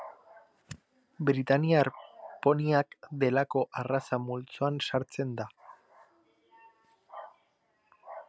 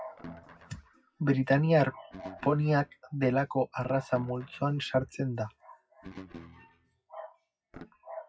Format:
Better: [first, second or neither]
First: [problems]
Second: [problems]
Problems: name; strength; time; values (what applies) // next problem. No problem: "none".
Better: first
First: none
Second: noise reduction (classical method WPE with log-MMSE)